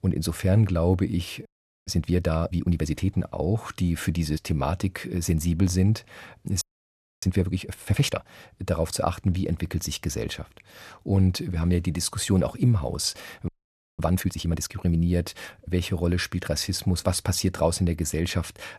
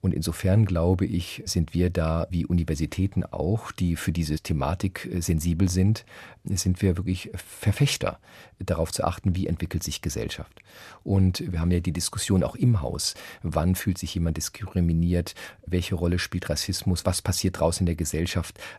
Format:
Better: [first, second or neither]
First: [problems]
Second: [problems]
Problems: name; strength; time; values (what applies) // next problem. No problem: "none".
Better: second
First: audio freezing; at 1.5 s, at 6.5 s for 0.5 s and at 13 s for 0.5 s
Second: none